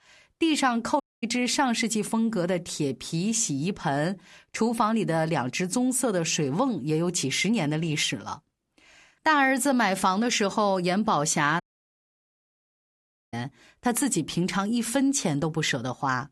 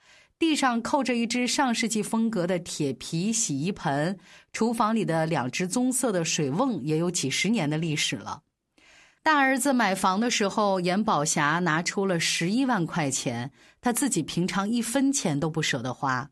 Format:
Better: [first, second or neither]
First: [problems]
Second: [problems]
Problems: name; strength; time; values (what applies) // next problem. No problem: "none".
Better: second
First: audio cutting out; at 1 s and at 12 s for 1.5 s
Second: none